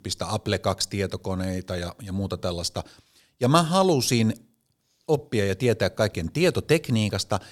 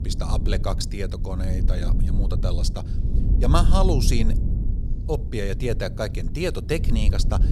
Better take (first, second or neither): first